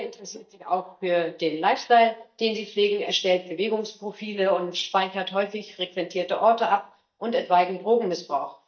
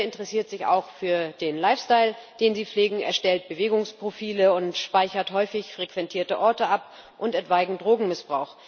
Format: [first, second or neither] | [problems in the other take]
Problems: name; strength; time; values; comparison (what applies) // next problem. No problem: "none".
second | noise reduction (neural mask model DeepFilterNet 3)